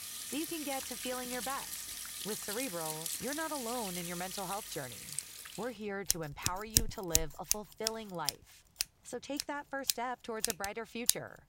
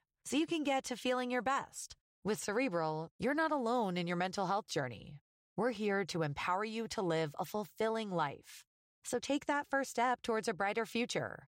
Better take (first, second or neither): second